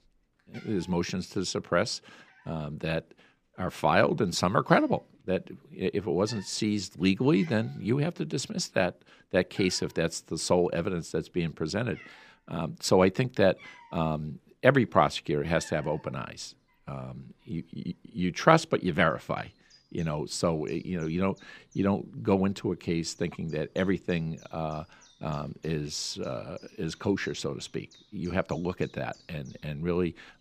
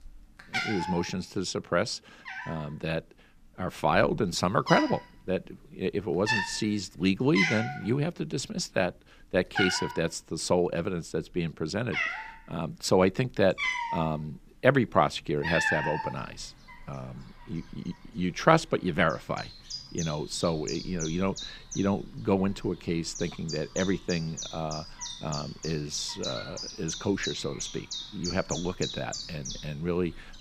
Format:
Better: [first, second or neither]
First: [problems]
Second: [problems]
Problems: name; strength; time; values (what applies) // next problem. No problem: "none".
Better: first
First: animal sounds; faint; throughout; 25 dB below the speech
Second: animal sounds; loud; throughout; 5 dB below the speech